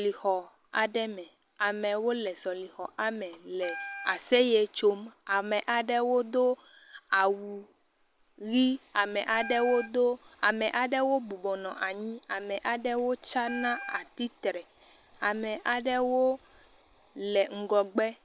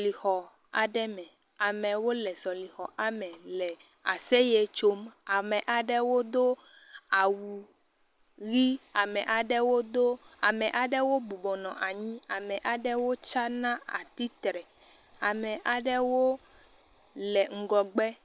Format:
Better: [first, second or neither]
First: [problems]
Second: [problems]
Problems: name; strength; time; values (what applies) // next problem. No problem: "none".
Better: second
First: background sound (Wind instrument, woodwind instrument); 12 dB below the speech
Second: none